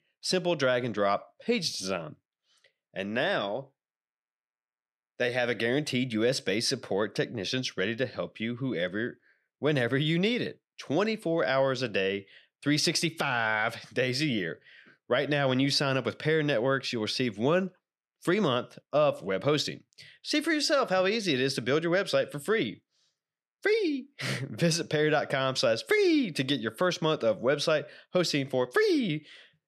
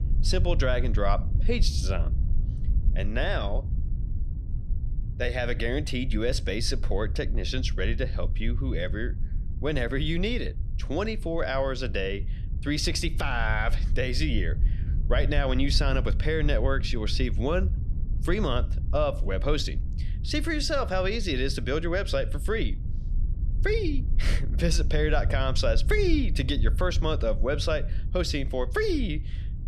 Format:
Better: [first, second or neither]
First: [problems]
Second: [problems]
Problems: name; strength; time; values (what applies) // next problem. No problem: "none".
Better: first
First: none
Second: low rumble; noticeable; throughout; 20 dB below the speech